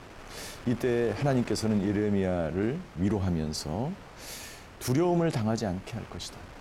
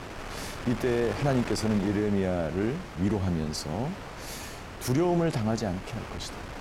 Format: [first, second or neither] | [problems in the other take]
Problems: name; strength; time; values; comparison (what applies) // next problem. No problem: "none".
first | wind noise on the microphone; heavy; 8 dB below the speech; occasional gusts in the first